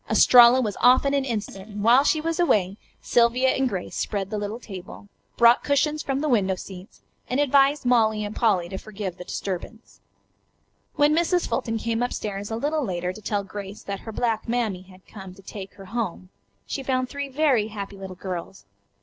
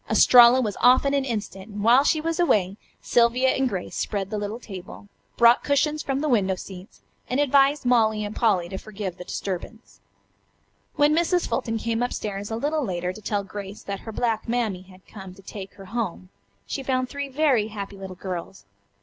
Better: second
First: noise reduction (neural separator model SepFormer DNS4)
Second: none

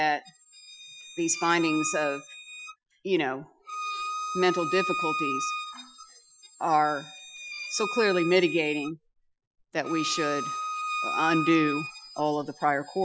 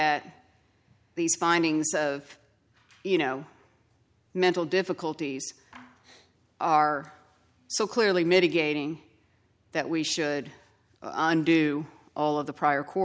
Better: second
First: noise reduction (classical method Wiener filter)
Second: none

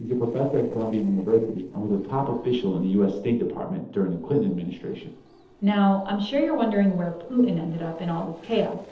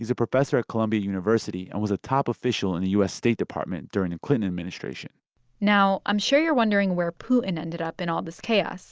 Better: second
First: noise reduction (neural separator model SepFormer DNS4)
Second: none

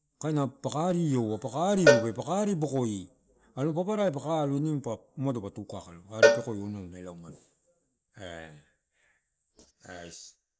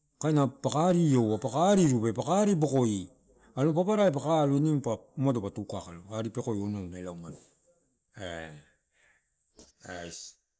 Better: second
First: background sound (Cowbell); 3 dB above the speech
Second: none

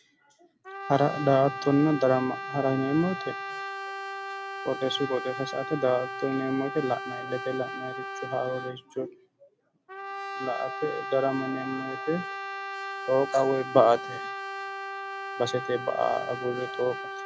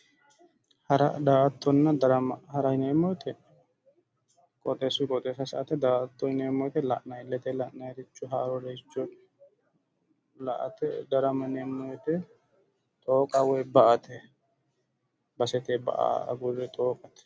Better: second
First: background sound (Brass instrument); 8 dB below the speech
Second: none

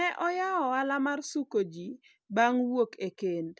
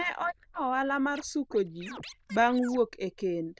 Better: first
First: none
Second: noise reduction (neural diffusion model UNIVERSE++)

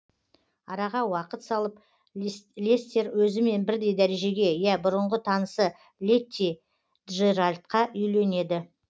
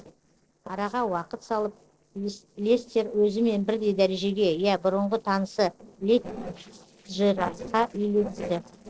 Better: first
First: none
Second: noise reduction (neural separator model SepFormer DNS4)

